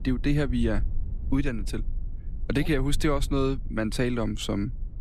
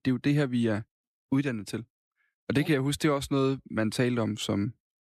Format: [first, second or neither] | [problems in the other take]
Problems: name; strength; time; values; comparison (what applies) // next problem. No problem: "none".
second | low rumble; faint; throughout; 25 dB below the speech